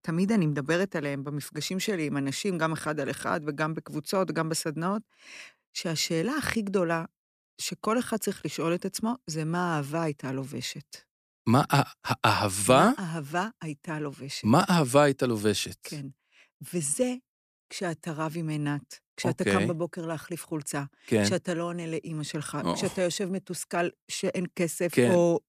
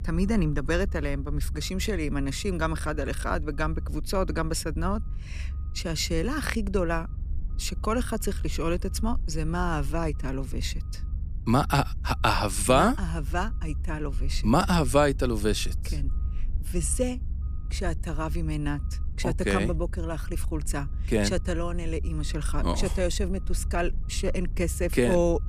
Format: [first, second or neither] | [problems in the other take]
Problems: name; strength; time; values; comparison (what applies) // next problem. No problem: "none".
first | low rumble; faint; throughout; 25 dB below the speech